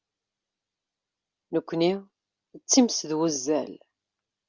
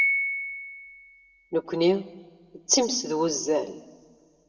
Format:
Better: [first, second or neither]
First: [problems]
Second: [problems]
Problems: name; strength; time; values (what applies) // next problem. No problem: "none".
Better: first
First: none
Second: background sound (Piano); 5 dB below the speech // room echo; dies away in 0.9 s